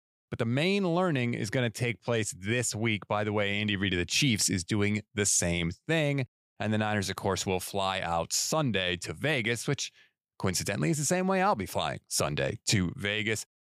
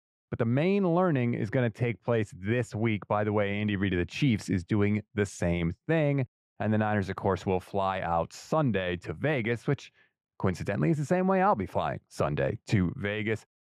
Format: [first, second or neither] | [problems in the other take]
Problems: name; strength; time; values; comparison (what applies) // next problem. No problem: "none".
first | muffled; very; fading above 3 kHz